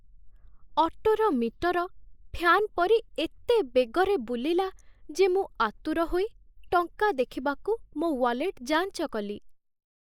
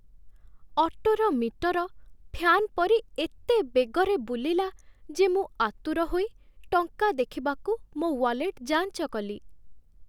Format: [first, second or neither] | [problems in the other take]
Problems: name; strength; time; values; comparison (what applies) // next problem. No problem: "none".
second | noise reduction (neural mask model Resemble Enhance denoiser)